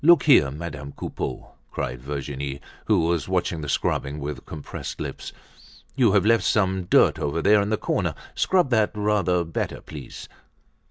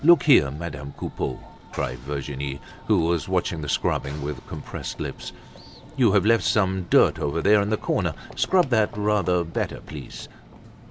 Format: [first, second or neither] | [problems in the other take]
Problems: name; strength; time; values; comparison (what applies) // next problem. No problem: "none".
first | background sound (Run / Train); 19 dB below the speech